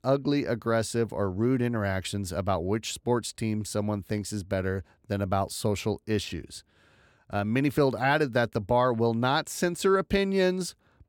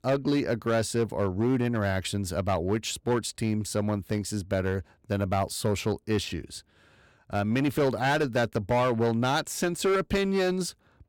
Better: first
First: none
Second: distortion; slight; 8% of the sound clipped

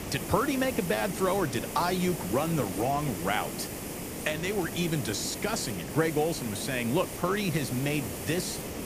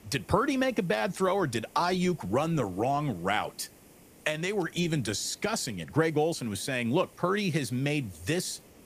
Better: second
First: hiss; loud; throughout; 6 dB below the speech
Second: hiss; faint; throughout; 25 dB below the speech

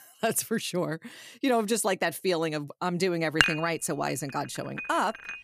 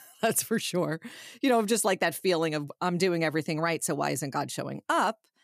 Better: second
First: clattering dishes; loud; from 3.5 to 5 s; peak 4 dB above the speech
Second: none

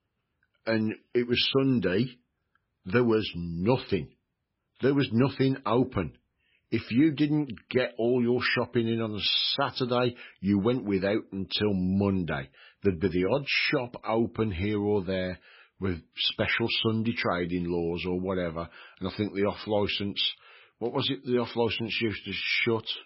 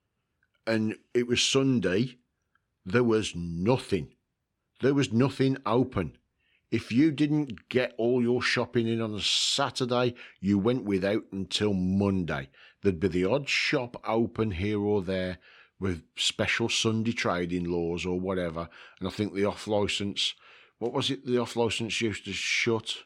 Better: second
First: garbled, watery; badly; nothing above 5.5 kHz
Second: none

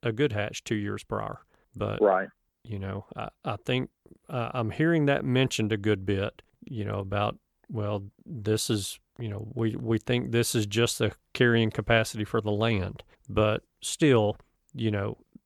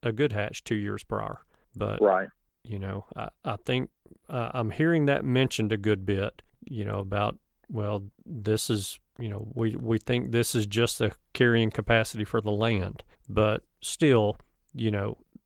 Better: first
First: none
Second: garbled, watery; slightly

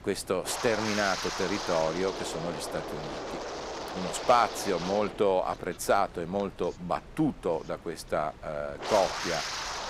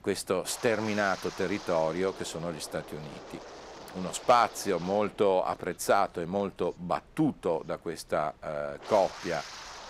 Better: second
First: wind noise on the microphone; heavy; 5 dB below the speech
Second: wind noise on the microphone; occasional gusts; 15 dB below the speech

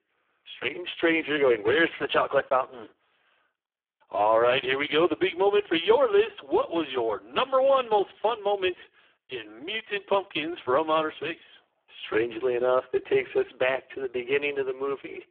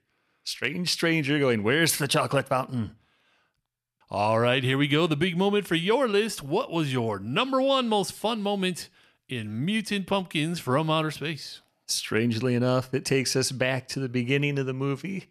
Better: second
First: phone-call audio; poor line; nothing above 3.5 kHz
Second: none

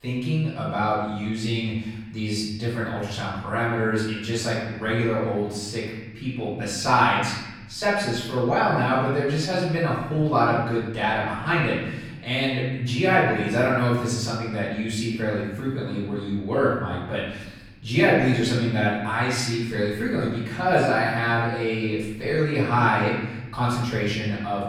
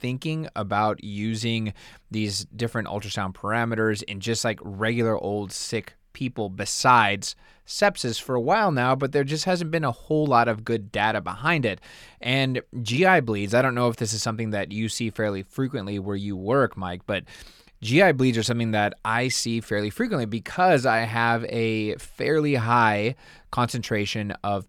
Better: second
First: room echo; noticeable; dies away in 1.2 s // off-mic speech; far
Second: none

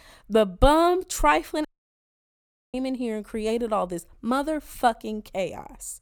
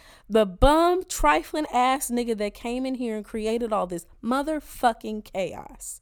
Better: second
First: audio cutting out; at 1.5 s for 1 s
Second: none

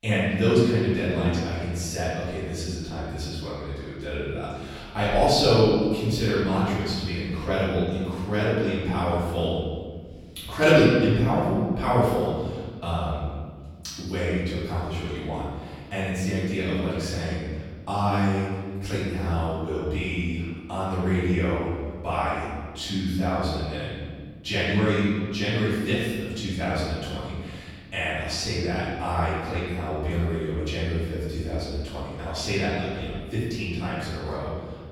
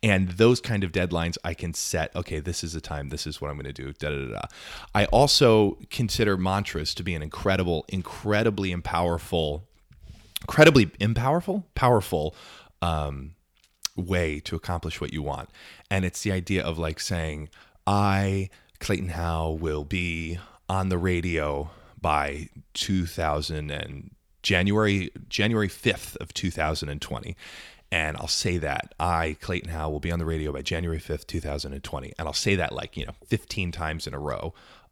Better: second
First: room echo; strong; dies away in 1.7 s // off-mic speech; far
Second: none

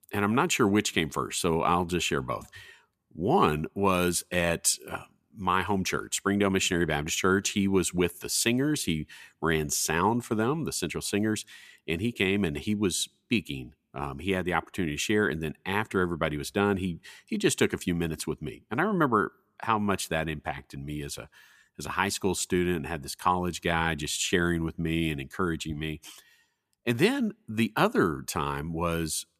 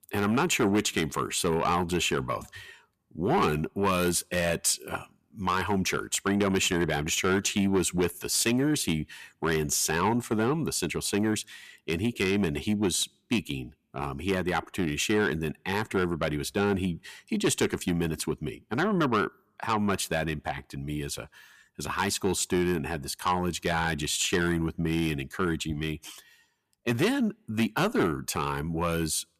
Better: first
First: none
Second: distortion; slight; 10 dB below the speech

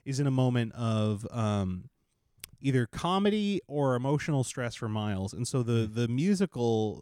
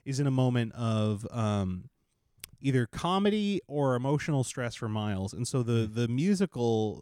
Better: neither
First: none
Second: none

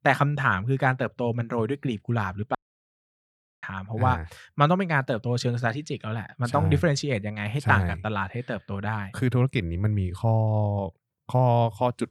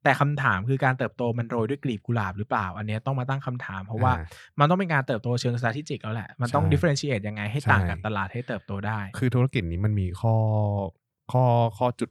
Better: second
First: audio cutting out; at 2.5 s for 1 s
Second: none

